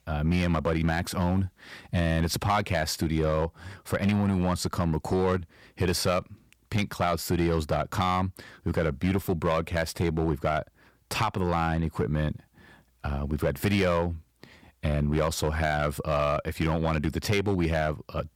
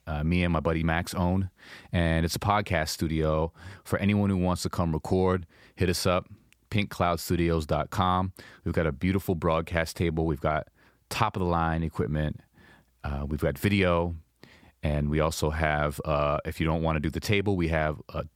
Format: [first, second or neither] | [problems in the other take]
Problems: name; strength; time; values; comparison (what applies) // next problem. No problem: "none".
second | distortion; slight; 4% of the sound clipped